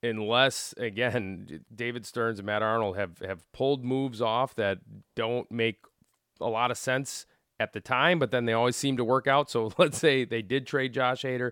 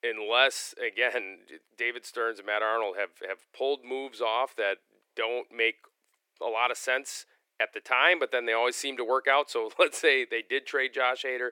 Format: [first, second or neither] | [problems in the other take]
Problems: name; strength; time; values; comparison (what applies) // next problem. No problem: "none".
first | thin; very; fading below 350 Hz